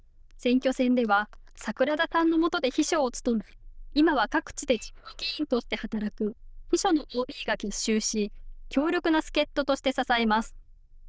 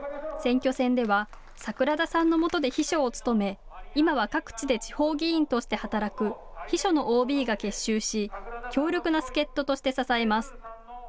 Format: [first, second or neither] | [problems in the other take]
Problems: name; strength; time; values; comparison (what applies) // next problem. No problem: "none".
second | noise reduction (neural diffusion model UNIVERSE++)